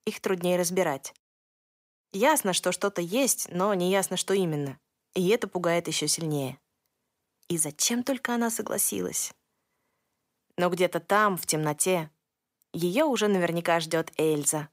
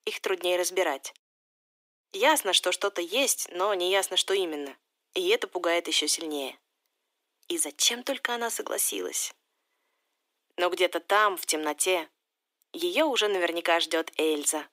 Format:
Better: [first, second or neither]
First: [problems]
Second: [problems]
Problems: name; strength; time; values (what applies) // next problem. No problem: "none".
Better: first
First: none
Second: thin; somewhat; fading below 300 Hz